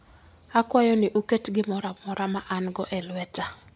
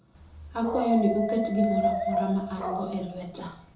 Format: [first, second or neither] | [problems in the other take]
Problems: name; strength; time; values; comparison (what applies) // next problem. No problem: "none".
first | background sound (Dog); 2 dB below the speech // room echo; dies away in 0.5 s